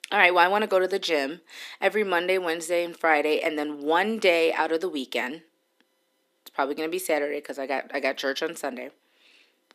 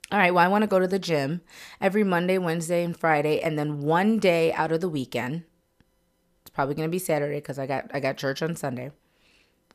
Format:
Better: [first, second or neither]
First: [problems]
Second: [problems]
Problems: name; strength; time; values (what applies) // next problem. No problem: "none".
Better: second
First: thin; somewhat; fading below 250 Hz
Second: none